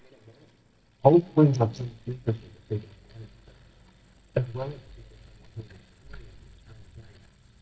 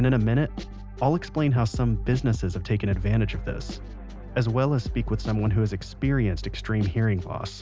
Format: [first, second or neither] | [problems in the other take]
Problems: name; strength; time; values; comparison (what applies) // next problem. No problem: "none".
second | noise reduction (neural mask model DeepFilterNet 3)